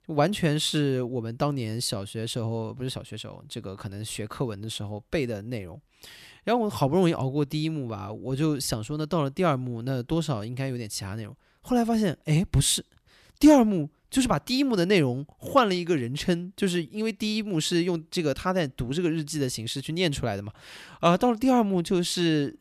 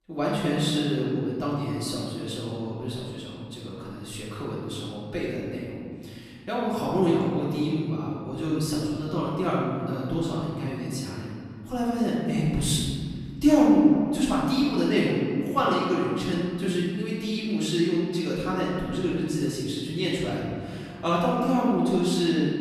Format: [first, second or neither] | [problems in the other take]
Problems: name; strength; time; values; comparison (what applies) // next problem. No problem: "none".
first | room echo; strong; dies away in 2.1 s // off-mic speech; far